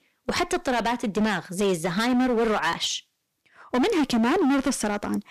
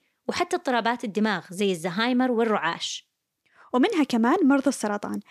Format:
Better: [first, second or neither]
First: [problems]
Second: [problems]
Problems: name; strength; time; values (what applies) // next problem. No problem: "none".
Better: second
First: distortion; heavy; 17% of the sound clipped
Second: none